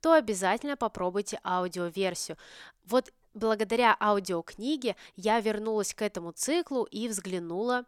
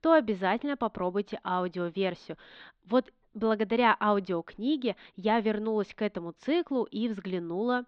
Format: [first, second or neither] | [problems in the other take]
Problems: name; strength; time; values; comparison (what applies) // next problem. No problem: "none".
first | muffled; slightly; fading above 4 kHz